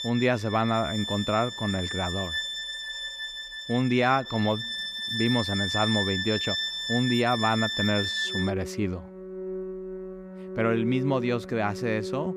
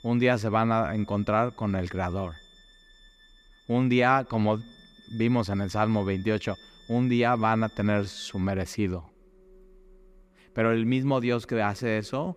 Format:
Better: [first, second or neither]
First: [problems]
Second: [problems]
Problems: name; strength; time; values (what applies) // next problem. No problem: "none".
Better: second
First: background music; loud; throughout; 4 dB below the speech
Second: background music; faint; throughout; 25 dB below the speech